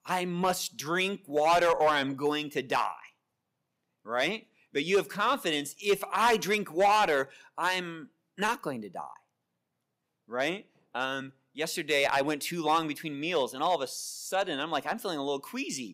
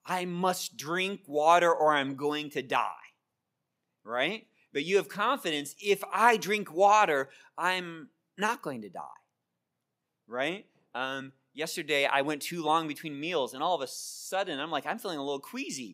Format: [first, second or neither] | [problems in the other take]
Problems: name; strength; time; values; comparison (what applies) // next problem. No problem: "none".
second | distortion; slight; 2% of the sound clipped